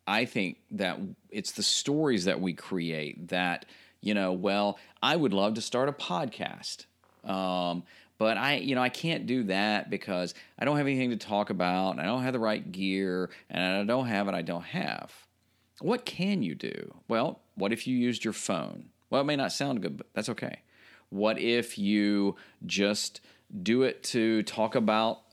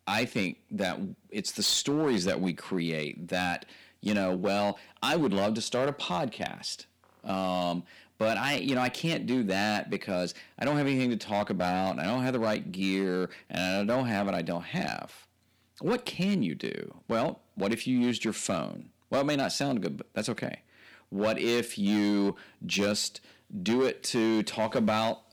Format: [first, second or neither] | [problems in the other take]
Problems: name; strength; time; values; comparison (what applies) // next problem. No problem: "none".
first | distortion; slight; 5% of the sound clipped